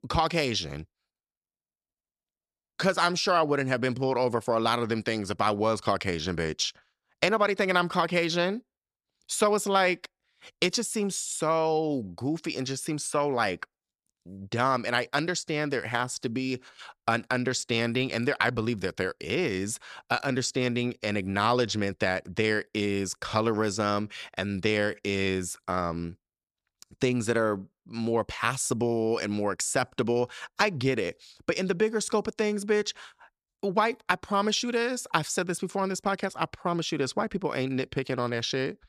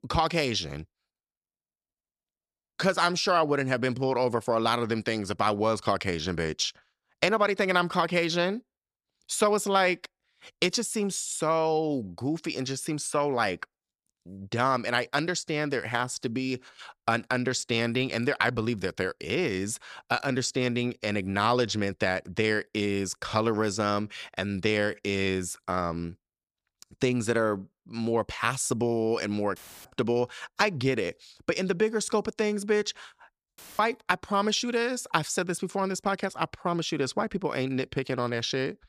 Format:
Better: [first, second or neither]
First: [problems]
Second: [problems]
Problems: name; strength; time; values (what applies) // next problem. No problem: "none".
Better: first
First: none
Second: audio cutting out; filled with static; at 30 s and at 34 s